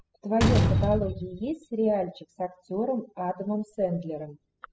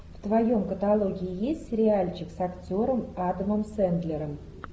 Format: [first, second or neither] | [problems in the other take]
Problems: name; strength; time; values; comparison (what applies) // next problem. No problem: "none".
second | noise reduction (classical method spectral subtraction)